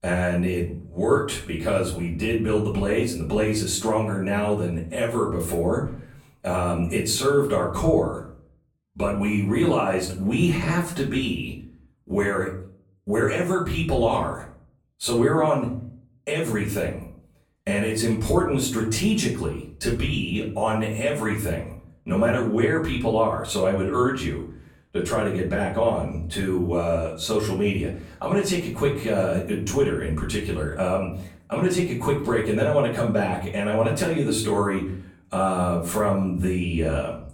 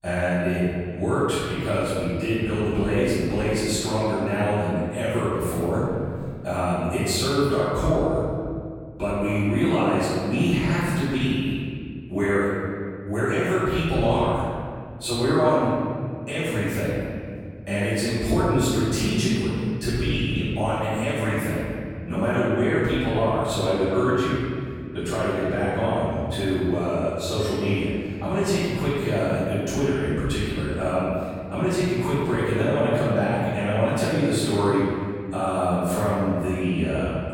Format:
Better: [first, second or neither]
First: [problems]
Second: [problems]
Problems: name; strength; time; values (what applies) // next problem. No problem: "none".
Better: first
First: room echo; slight; dies away in 0.5 s // off-mic speech; far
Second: room echo; strong; dies away in 2.2 s // off-mic speech; far